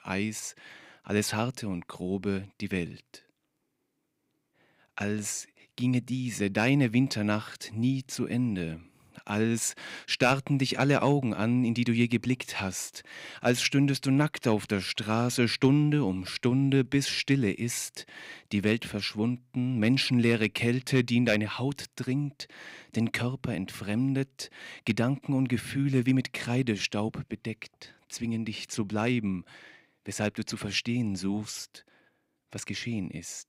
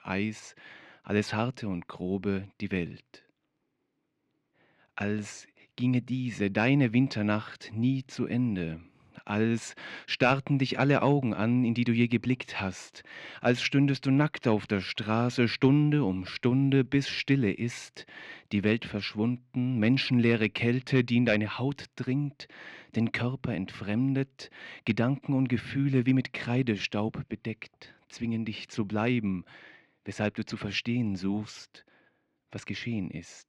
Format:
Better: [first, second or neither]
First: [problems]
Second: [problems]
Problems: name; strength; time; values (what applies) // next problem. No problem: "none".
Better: first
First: none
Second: muffled; very slightly; fading above 3.5 kHz